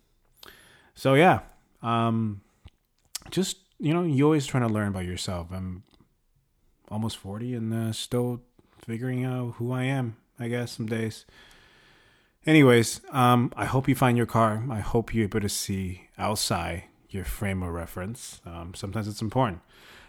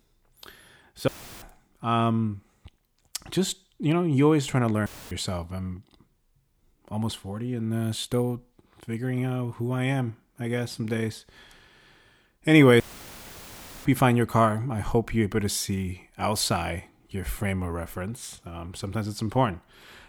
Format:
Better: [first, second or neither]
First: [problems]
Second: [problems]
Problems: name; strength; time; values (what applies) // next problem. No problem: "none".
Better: first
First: none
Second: audio cutting out; filled with static; at 1 s, at 5 s and at 13 s for 1 s